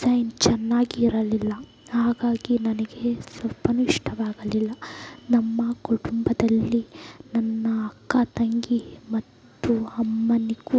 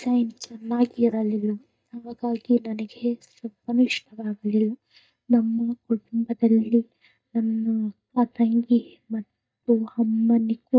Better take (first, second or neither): first